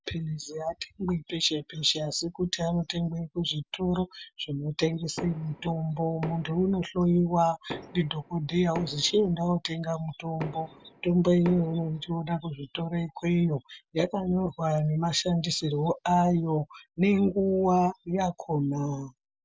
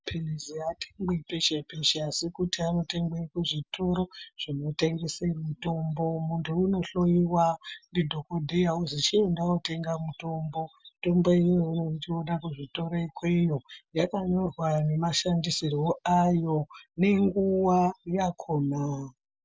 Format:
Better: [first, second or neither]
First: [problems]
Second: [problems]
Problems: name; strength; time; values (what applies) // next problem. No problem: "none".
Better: second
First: background sound (Knock); 15 dB below the speech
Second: none